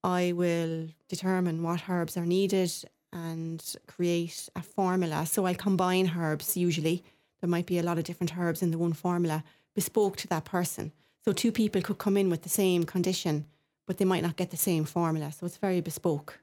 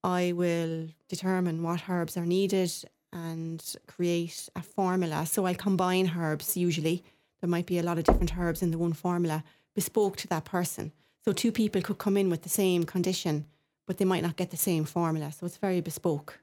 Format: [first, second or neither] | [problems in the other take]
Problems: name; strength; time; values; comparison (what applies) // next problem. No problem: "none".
first | door banging; loud; at 8 s; peak 2 dB above the speech